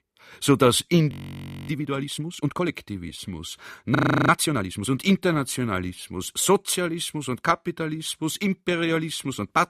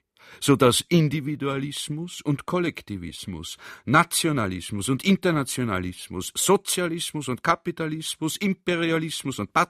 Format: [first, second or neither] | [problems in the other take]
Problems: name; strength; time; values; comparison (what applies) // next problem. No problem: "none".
second | audio freezing; at 1 s for 0.5 s and at 4 s